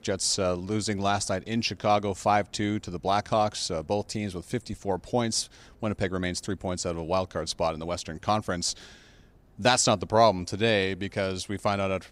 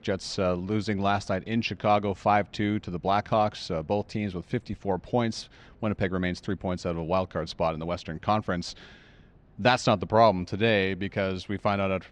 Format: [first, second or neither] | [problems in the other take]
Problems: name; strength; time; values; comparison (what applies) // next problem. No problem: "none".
first | muffled; slightly; fading above 3 kHz